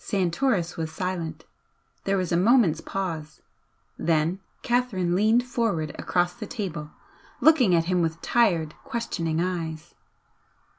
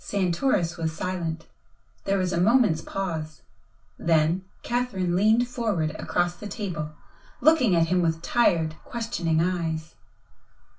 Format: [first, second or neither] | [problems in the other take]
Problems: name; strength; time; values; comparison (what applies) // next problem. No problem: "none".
first | room echo; dies away in 0.2 s